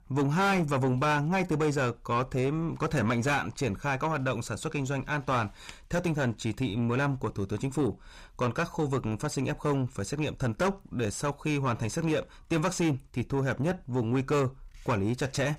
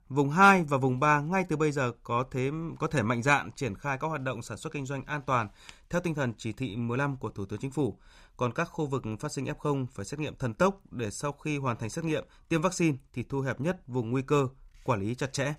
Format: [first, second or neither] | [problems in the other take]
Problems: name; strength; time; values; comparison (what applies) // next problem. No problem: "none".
second | distortion; heavy; 6 dB below the speech